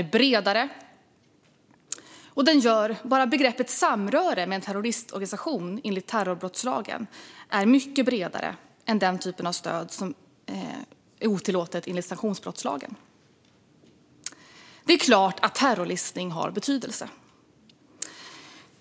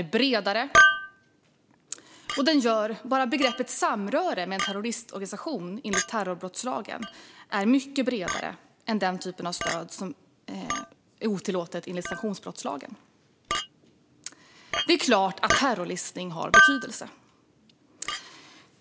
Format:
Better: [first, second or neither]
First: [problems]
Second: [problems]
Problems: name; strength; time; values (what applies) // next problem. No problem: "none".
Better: first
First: none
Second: background sound (Chink, clink); 1 dB below the speech